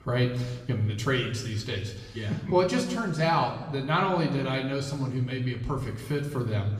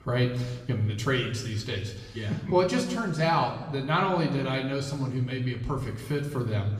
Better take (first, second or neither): neither